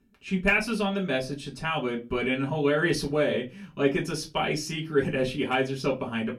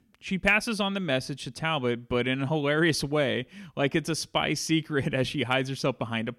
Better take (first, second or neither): second